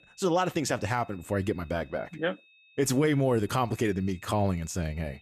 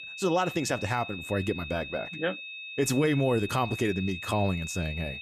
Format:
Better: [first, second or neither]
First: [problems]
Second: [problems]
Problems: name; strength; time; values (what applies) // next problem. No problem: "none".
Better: first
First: high-pitched whine; faint; throughout; 2.5 kHz, 30 dB below the speech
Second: high-pitched whine; loud; throughout; 2.5 kHz, 9 dB below the speech